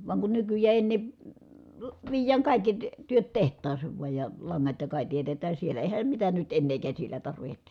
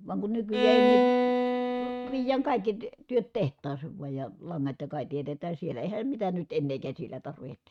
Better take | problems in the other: first | noise reduction (neural mask model RNNoise)

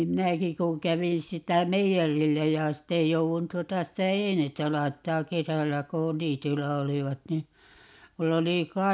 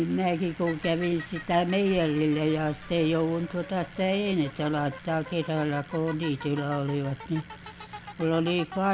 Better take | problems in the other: first | background sound (Bicycle); 15 dB below the speech

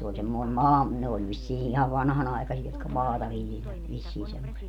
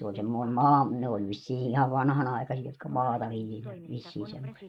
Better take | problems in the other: first | noise reduction (neural mask model Resemble Enhance denoiser)

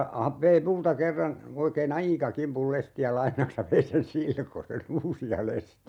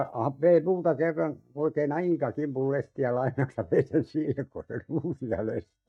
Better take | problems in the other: first | noise reduction (neural mask model DeepFilterNet 3)

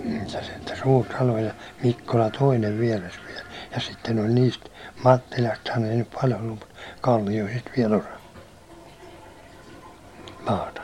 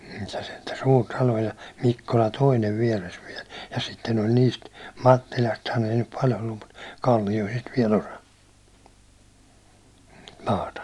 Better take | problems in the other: second | background sound (Toilet flush); 17 dB below the speech

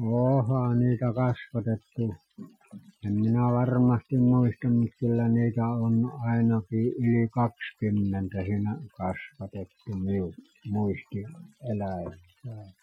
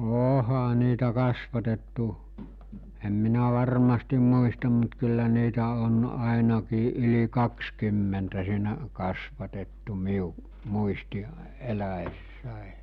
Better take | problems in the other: second | noise reduction (classical method Wiener filter)

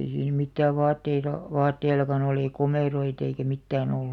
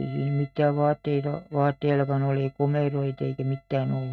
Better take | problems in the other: first | noise reduction (neural mask model RNNoise)

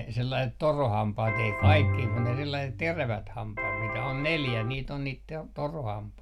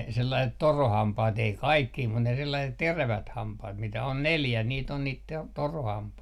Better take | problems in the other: second | background sound (Bowed string instrument + Electric guitar); as loud as the speech

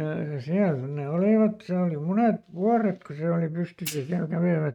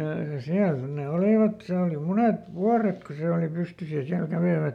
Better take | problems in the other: second | noise reduction (neural mask model RNNoise)

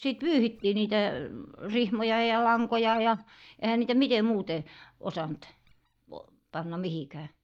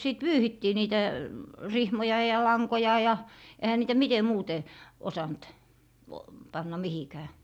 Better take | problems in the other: second | noise reduction (neural mask model DeepFilterNet 3)

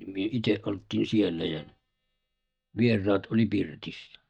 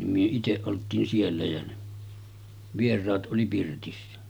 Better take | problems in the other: second | noise reduction (neural mask model DeepFilterNet 3)

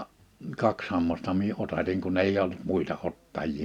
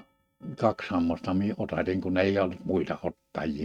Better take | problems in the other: first | noise reduction (neural mask model RNNoise)

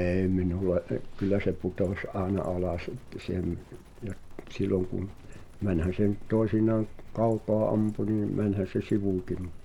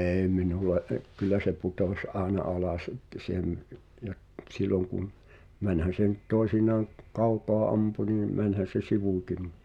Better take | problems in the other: second | background sound (Livestock, farm animals, working animals); 13 dB below the speech

